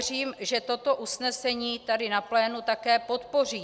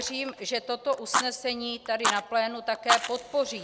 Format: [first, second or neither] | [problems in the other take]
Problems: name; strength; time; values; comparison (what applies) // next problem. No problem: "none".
first | background sound (Fire); 3 dB below the speech